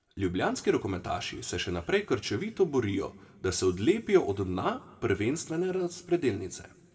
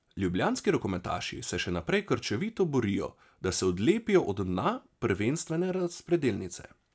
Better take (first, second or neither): second